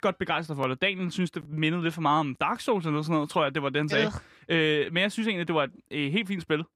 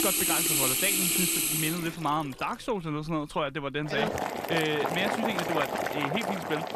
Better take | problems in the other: first | household noises; very loud; throughout; 4 dB above the speech

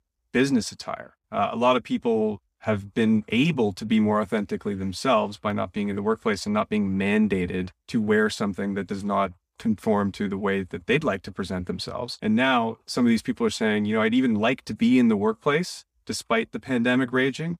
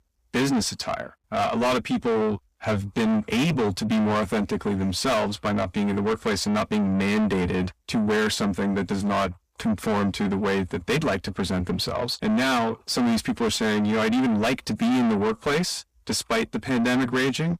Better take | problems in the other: first | distortion; heavy; 7 dB below the speech

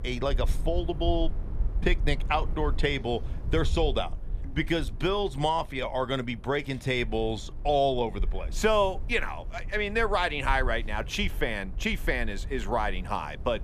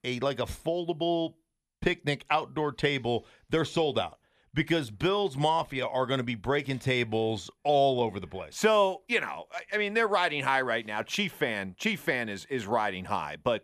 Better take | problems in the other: second | wind noise on the microphone; occasional gusts; 25 dB below the speech

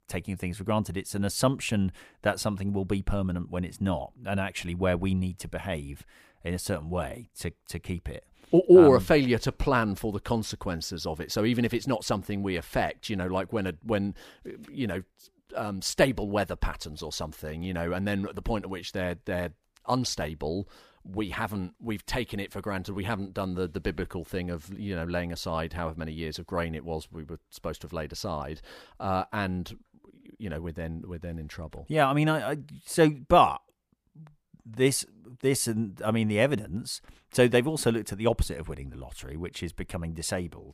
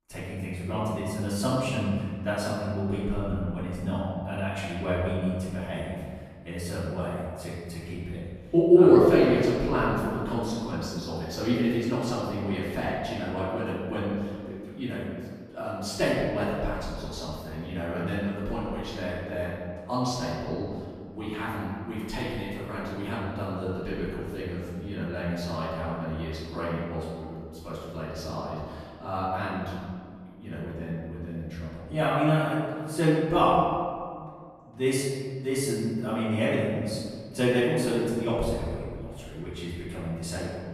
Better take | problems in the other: first | off-mic speech; far // room echo; strong; dies away in 1.7 s

